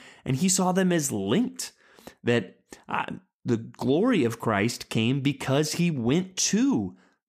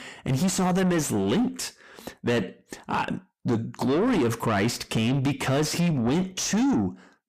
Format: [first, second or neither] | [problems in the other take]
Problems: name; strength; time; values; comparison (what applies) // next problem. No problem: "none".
first | distortion; heavy; 7 dB below the speech